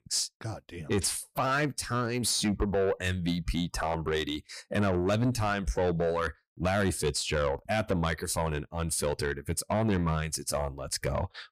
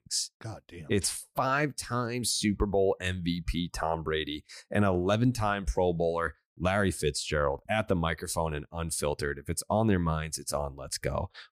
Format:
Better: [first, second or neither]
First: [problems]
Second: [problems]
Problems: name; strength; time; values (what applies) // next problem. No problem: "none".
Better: second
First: distortion; slight; 10 dB below the speech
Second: none